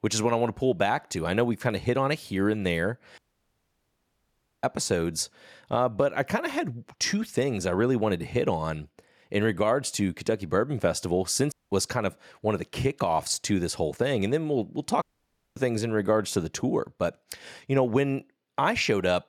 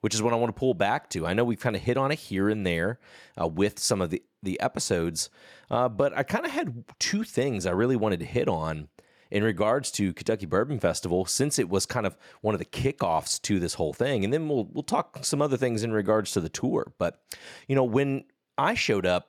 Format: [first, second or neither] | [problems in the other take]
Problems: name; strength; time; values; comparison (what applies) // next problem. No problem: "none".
second | audio cutting out; at 3 s for 1.5 s, at 12 s and at 15 s for 0.5 s